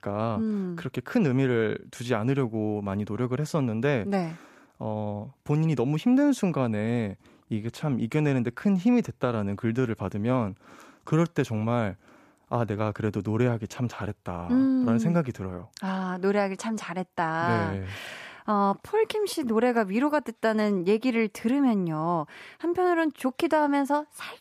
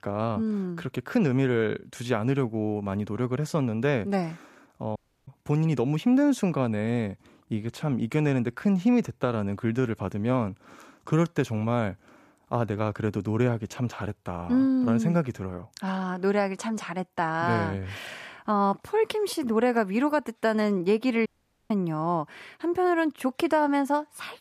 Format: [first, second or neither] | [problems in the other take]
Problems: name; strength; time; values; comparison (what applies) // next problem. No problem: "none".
first | audio cutting out; at 5 s and at 21 s